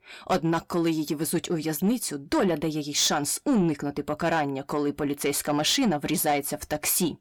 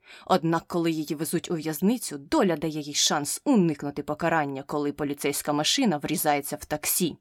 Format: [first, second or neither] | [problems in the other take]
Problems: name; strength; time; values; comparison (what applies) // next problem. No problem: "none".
second | distortion; slight; 10 dB below the speech